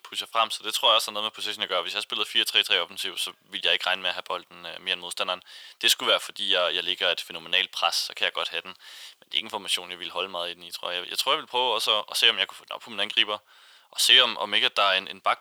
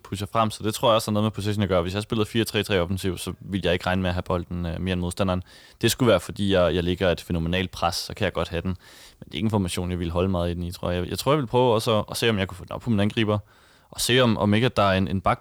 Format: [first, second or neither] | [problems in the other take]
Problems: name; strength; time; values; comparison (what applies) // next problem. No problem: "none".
second | thin; very; fading below 800 Hz